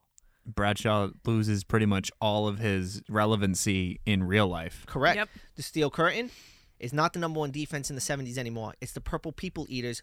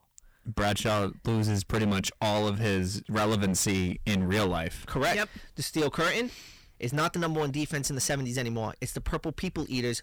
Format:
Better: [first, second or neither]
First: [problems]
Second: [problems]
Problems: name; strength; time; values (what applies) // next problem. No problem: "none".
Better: first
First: none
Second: distortion; heavy; 16% of the sound clipped